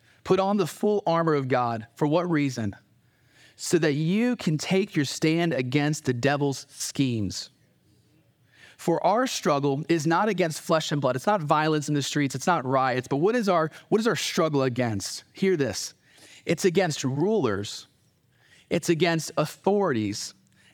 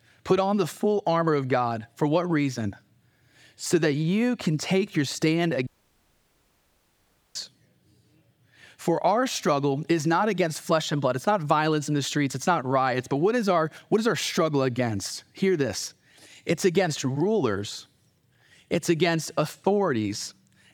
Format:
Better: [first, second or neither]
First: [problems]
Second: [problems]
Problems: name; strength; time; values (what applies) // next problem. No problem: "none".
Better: first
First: none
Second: audio cutting out; at 5.5 s for 1.5 s